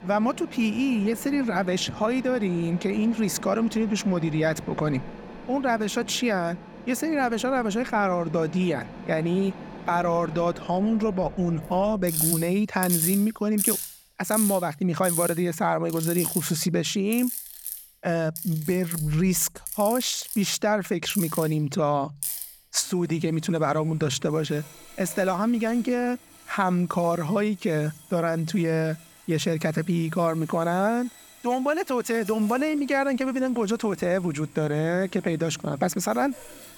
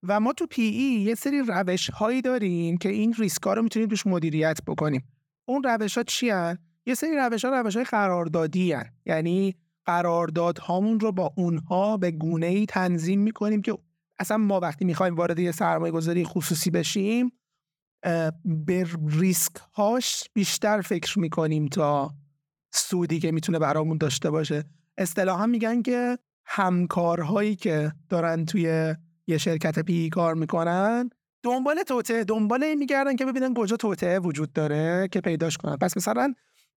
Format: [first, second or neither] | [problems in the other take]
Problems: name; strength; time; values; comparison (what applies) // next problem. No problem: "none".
second | machinery noise; loud; throughout; 8 dB below the speech